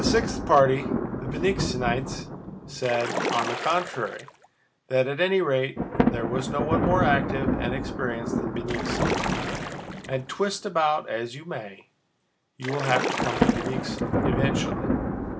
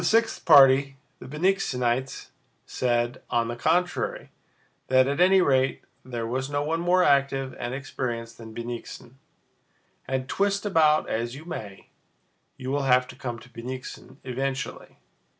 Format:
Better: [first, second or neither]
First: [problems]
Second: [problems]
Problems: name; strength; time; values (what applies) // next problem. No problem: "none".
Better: second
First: background sound (Thunder + Splash, splatter); as loud as the speech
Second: none